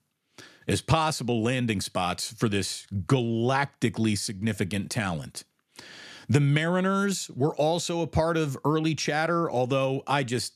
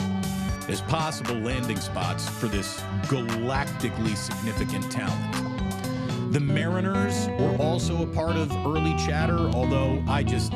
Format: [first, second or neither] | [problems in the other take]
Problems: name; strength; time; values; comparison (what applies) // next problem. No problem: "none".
first | background music; very loud; throughout; as loud as the speech